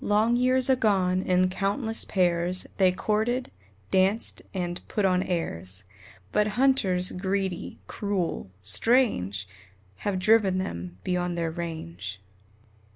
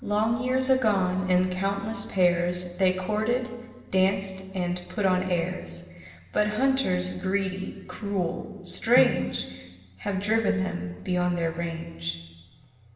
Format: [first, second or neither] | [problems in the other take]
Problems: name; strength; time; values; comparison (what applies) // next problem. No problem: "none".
first | background sound (Snare drum); 11 dB below the speech // room echo; dies away in 1.4 s